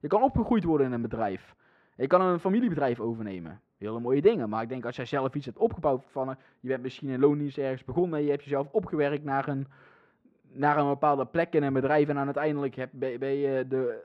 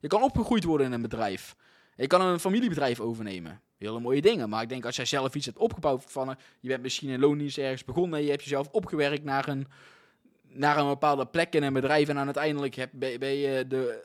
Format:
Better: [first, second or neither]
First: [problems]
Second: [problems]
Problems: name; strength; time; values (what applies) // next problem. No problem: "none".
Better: second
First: muffled; very; fading above 3.5 kHz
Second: none